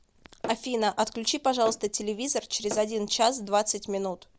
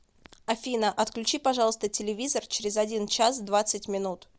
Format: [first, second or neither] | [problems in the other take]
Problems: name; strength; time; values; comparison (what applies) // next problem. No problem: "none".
second | background sound (Tap / Hammer); 15 dB below the speech